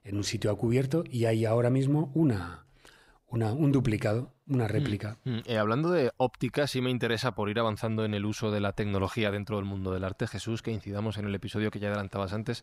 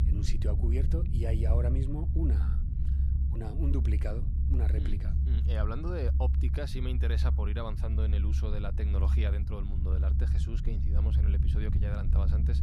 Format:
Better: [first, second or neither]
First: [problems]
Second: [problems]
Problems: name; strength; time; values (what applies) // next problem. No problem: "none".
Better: first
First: none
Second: low rumble; loud; throughout; 4 dB below the speech